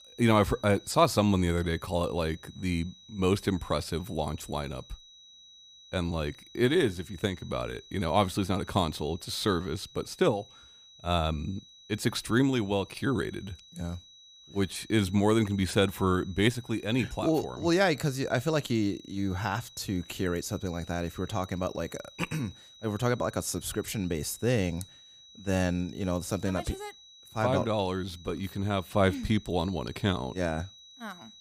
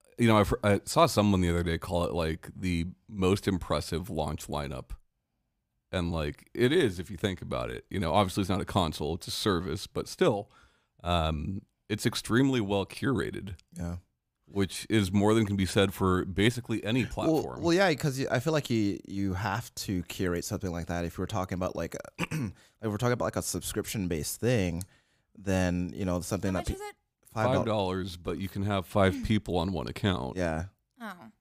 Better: second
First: high-pitched whine; faint; throughout; 4 kHz, 20 dB below the speech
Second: none

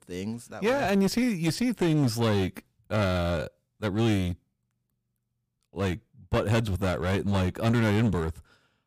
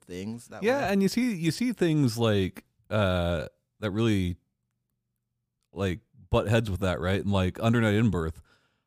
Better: second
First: distortion; slight; 11% of the sound clipped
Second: none

